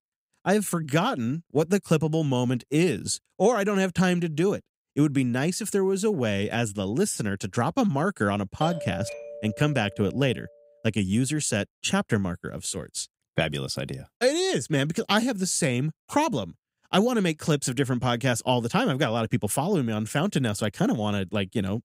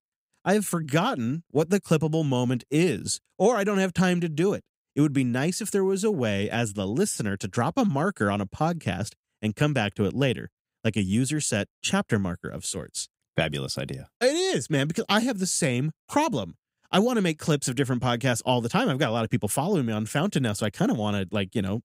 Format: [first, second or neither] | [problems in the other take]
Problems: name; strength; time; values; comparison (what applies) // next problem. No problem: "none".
second | doorbell; noticeable; from 8.5 to 10 s; peak 8 dB below the speech